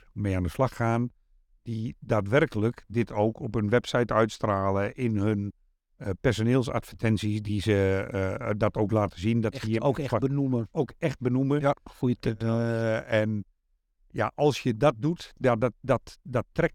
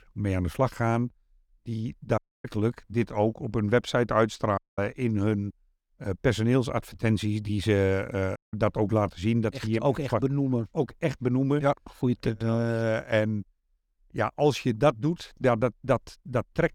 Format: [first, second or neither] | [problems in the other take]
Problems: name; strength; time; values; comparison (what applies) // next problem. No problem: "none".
first | audio cutting out; at 2 s, at 4.5 s and at 8.5 s